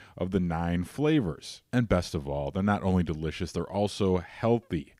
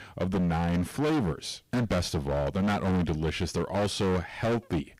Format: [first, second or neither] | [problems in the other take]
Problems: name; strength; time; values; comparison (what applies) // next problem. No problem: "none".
first | distortion; heavy; 24% of the sound clipped